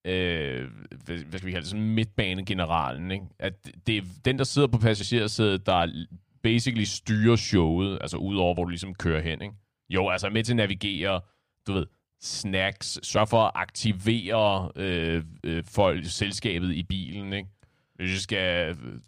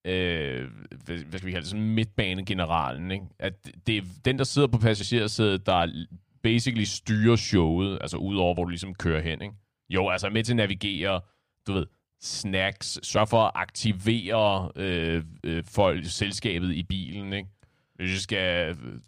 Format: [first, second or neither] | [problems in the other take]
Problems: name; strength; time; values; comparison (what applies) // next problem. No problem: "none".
neither | none